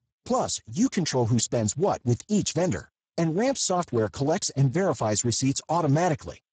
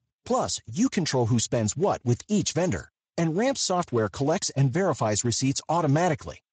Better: second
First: garbled, watery; badly; nothing above 7.5 kHz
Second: garbled, watery; slightly; nothing above 7.5 kHz

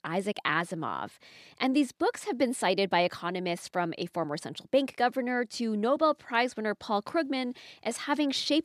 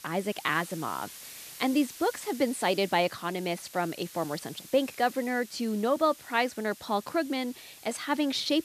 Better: first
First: none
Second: hiss; noticeable; throughout; 15 dB below the speech

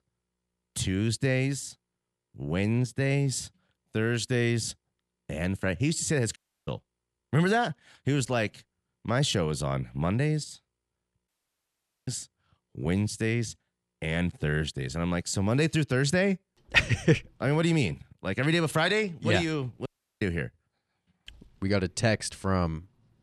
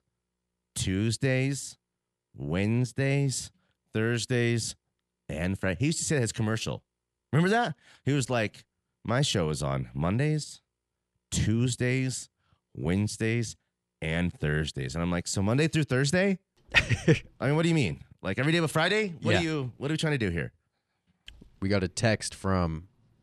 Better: second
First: audio cutting out; at 6.5 s, at 11 s for 1 s and at 20 s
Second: none

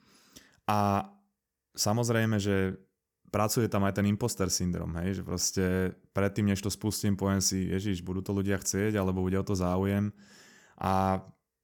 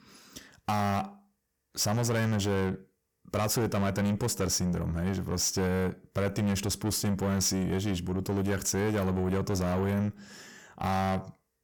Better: first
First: none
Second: distortion; heavy; 7 dB below the speech

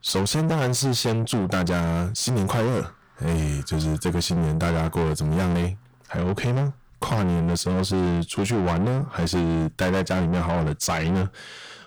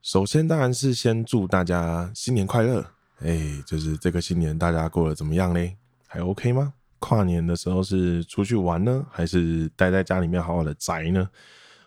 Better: second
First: distortion; heavy; 6 dB below the speech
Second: none

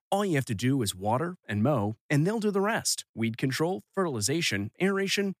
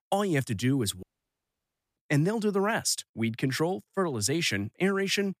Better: first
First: none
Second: audio cutting out; at 1 s for 1 s

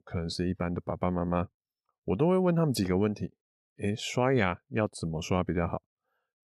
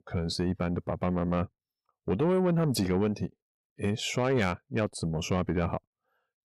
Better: first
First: none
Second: distortion; slight; 10 dB below the speech

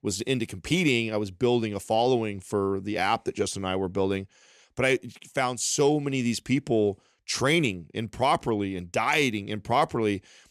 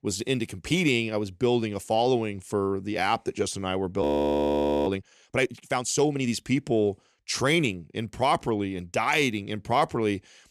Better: first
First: none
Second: audio freezing; at 4 s for 1 s

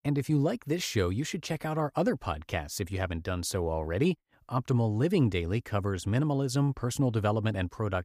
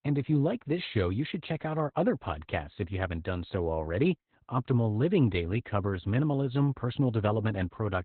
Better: first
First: none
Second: garbled, watery; badly; nothing above 4 kHz

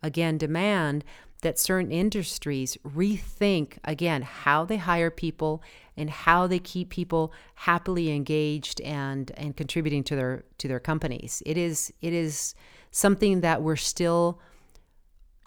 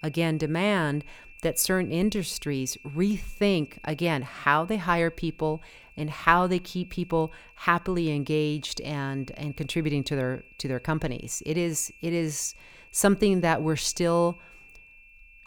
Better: first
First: none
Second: high-pitched whine; faint; throughout; 2.5 kHz, 25 dB below the speech

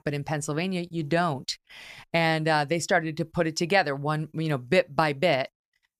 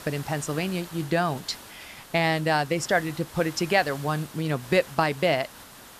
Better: first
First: none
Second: hiss; noticeable; throughout; 15 dB below the speech

